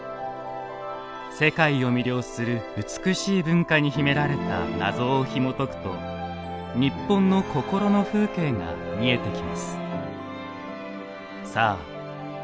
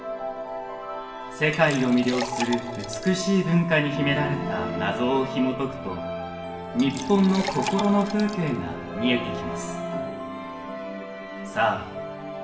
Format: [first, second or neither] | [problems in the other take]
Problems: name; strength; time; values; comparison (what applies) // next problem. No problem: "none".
first | background sound (Liquid); 12 dB below the speech // room echo; dies away in 1 s